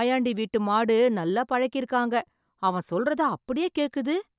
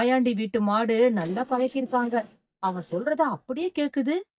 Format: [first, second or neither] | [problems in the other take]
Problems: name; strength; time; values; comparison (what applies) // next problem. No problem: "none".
first | noise reduction (neural mask model DeepFilterNet 3)